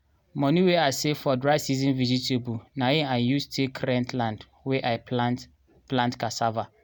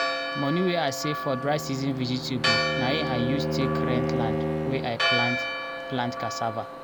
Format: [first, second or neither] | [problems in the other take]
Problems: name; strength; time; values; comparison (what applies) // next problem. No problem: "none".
first | background sound (Bowed string instrument + Church bell); 1 dB above the speech